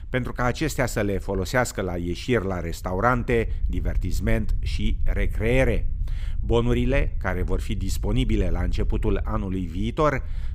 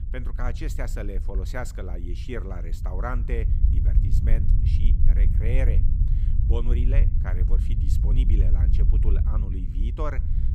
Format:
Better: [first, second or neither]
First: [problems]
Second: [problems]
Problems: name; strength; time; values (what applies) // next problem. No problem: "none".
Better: first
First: low rumble; faint; throughout; 25 dB below the speech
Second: low rumble; loud; throughout; 5 dB below the speech